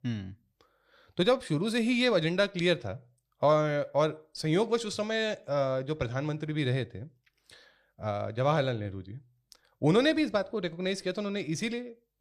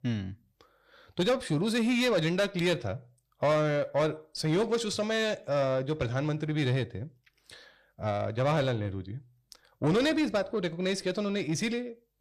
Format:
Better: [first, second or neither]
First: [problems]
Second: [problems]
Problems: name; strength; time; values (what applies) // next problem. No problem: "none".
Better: first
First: none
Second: distortion; slight; 10 dB below the speech